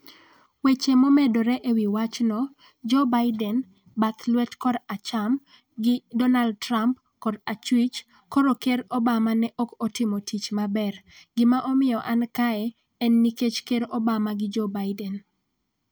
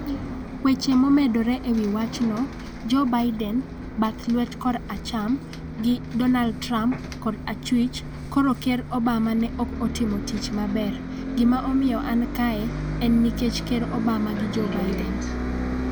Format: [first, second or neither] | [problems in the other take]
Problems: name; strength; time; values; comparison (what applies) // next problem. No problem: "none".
first | background sound (Bus); 6 dB below the speech